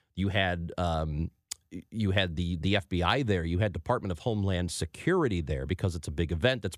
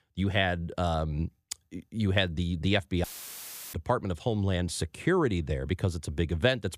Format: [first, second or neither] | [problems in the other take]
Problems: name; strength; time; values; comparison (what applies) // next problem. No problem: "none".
first | audio cutting out; filled with static; at 3 s for 0.5 s